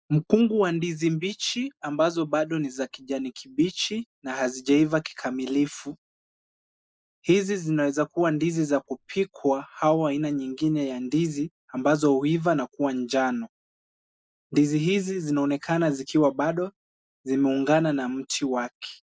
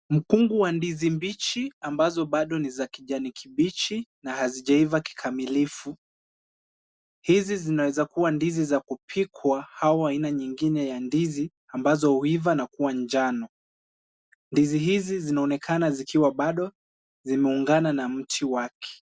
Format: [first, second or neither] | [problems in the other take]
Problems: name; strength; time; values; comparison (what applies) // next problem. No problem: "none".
second | noise reduction (neural mask model Resemble Enhance denoiser)